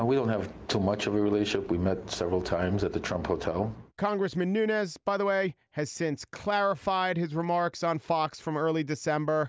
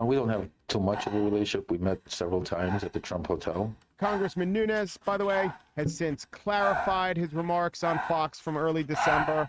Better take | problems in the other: first | noise reduction (neural mask model RNNoise)

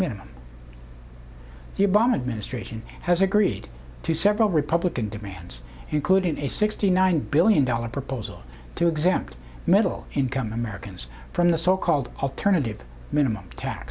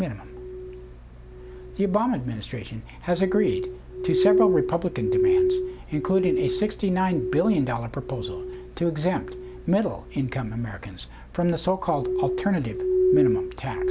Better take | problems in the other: first | background sound (Glass); 1 dB below the speech

